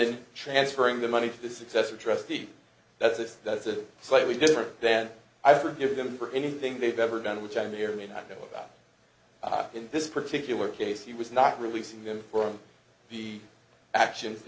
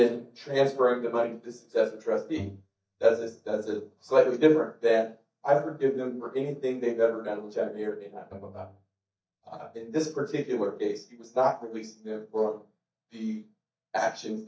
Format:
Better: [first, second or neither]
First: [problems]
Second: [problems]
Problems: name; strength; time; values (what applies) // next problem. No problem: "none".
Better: first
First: none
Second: noise reduction (neural mask model DeepFilterNet 3)